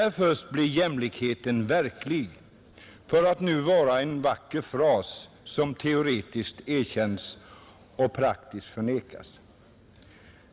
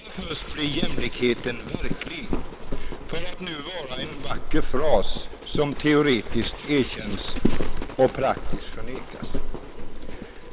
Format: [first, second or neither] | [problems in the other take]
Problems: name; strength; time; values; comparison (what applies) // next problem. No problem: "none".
first | noise reduction (neural separator model SepFormer WHAM!)